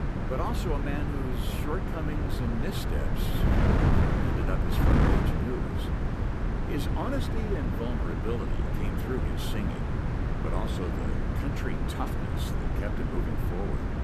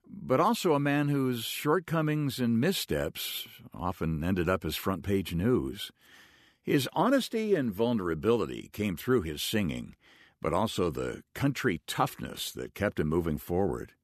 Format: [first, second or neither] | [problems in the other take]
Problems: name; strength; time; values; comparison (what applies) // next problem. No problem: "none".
second | wind noise on the microphone; heavy; 3 dB above the speech